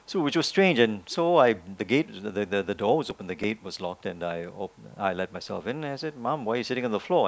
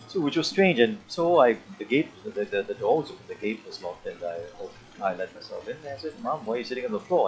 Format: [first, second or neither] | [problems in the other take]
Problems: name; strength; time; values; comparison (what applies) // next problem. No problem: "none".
first | noise reduction (classical method log-MMSE)